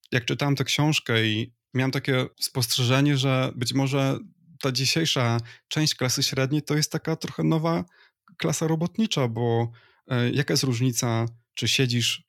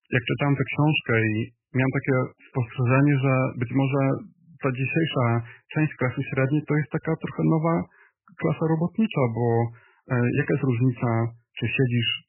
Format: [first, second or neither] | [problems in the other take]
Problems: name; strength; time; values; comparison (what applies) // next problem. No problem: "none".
first | garbled, watery; badly; nothing above 3 kHz